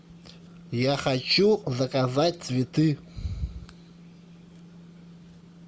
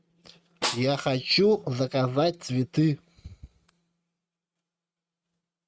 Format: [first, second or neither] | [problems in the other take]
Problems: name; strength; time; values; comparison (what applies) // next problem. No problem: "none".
first | noise reduction (neural mask model RNNoise)